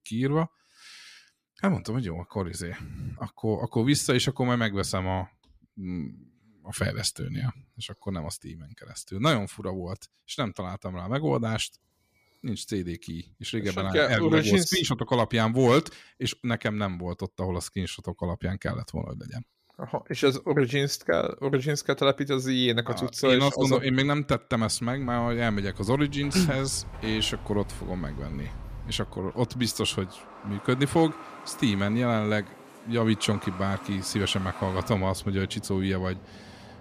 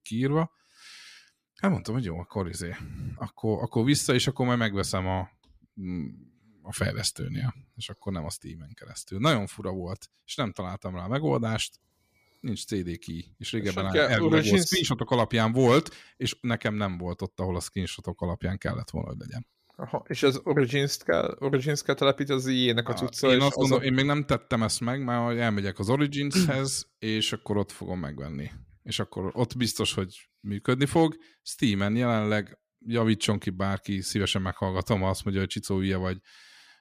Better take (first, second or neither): second